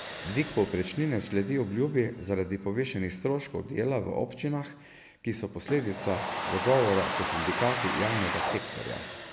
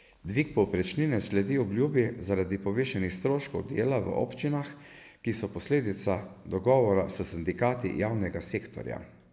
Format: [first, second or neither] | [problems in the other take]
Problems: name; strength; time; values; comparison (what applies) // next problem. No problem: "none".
second | background sound (Domestic sounds, home sounds); 6 dB below the speech